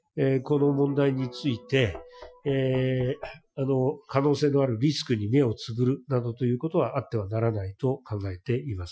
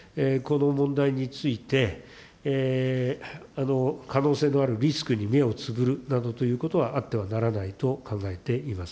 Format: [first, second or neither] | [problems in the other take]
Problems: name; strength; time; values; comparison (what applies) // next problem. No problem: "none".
second | noise reduction (classical method Wiener filter)